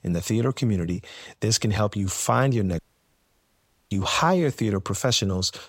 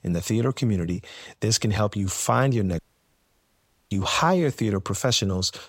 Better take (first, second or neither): neither